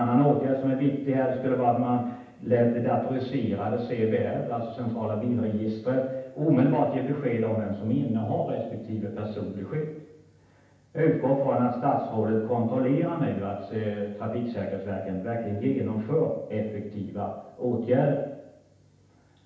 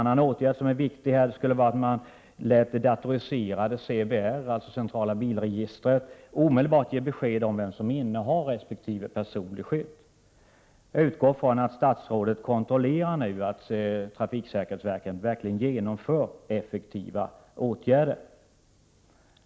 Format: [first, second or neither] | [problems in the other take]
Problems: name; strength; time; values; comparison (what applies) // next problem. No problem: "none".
second | room echo; dies away in 0.9 s